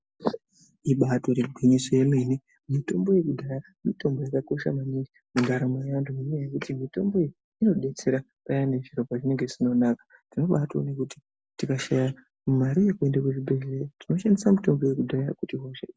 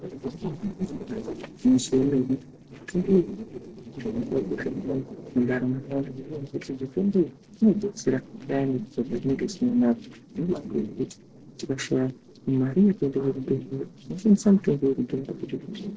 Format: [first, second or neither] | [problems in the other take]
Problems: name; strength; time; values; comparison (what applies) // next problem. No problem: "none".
first | noise reduction (neural separator model SepFormer DNS4)